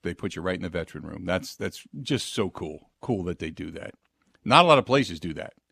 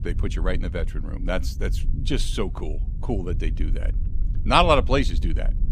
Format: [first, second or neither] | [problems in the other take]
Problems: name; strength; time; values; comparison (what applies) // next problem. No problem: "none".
first | low rumble; faint; throughout; 25 dB below the speech